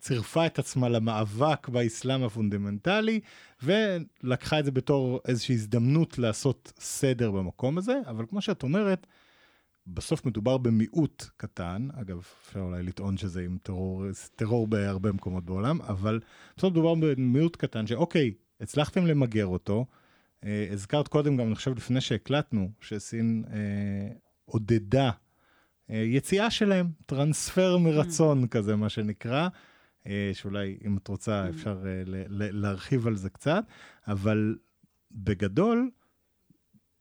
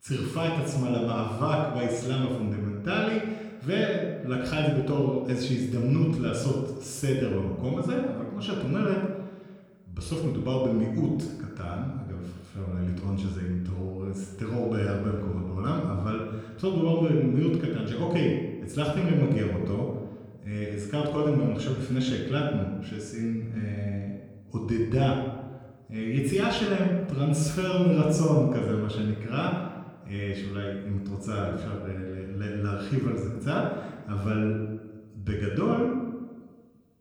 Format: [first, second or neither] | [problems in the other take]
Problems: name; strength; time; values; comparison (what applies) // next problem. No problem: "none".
first | off-mic speech; somewhat distant // room echo; noticeable; dies away in 1 s